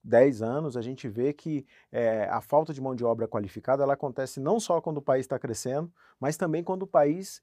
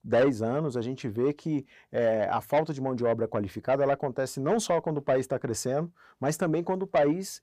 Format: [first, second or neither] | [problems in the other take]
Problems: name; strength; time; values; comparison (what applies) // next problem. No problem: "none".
first | distortion; slight; 10 dB below the speech